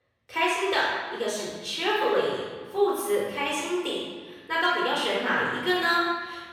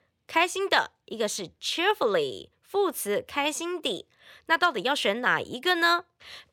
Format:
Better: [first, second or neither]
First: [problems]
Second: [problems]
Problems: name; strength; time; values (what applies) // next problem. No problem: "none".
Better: second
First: off-mic speech; far // room echo; strong; dies away in 1.3 s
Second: none